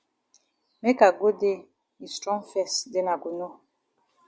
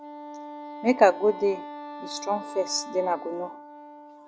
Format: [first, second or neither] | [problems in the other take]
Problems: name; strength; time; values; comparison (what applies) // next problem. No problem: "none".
first | background sound (Wind instrument, woodwind instrument); 12 dB below the speech